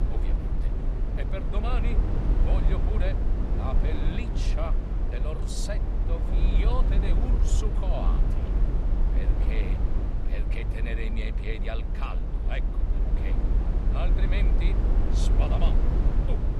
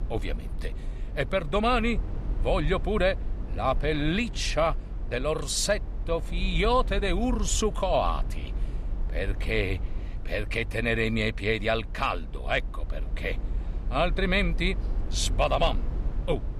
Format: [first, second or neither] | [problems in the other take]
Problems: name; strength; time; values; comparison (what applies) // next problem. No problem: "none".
second | low rumble; loud; throughout; 1 dB below the speech; faint in the second